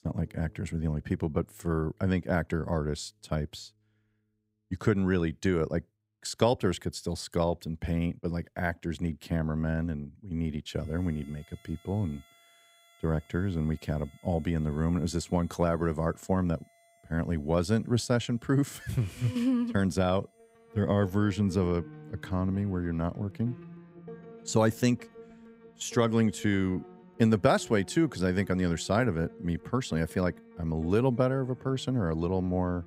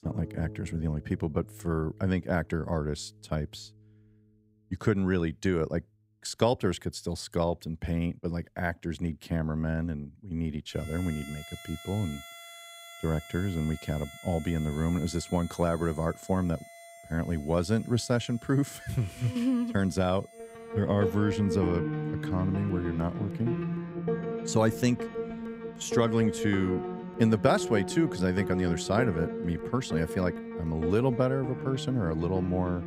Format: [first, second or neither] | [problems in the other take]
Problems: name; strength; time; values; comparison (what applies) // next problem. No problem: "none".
first | background music; loud; throughout; 7 dB below the speech; faint in the first